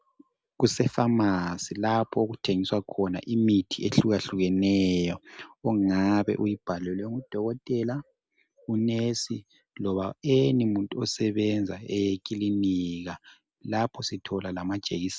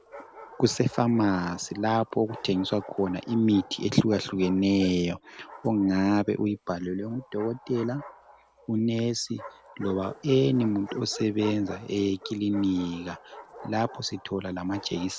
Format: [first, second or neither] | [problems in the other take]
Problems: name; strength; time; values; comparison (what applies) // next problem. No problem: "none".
first | background sound (Bark); 19 dB below the speech